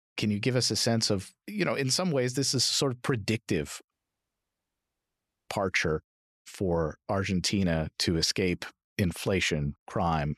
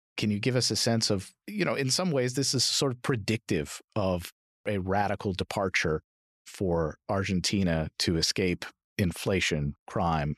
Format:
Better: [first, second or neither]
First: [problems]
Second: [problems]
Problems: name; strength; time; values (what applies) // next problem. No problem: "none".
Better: second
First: audio cutting out; at 4 s for 1.5 s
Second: none